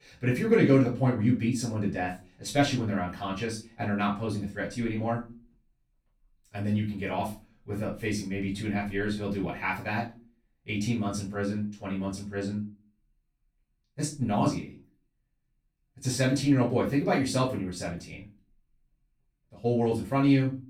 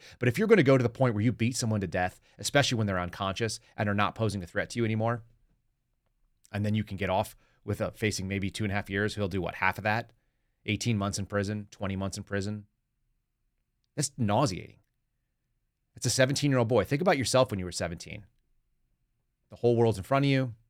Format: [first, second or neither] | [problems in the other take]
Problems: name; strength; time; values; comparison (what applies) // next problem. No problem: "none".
second | room echo; slight; dies away in 0.3 s // off-mic speech; far